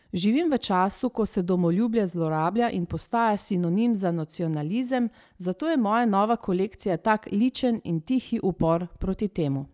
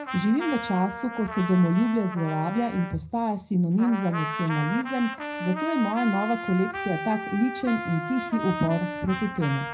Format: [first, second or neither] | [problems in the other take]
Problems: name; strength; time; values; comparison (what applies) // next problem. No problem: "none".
first | background sound (Trumpet); 8 dB below the speech // room echo; dies away in 0.4 s